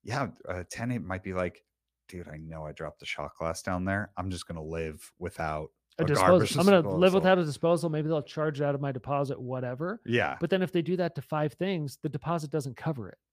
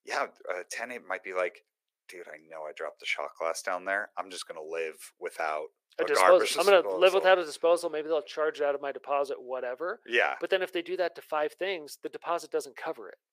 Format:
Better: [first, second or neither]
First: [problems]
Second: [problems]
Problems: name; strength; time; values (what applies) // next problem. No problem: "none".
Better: first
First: none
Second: thin; very; fading below 450 Hz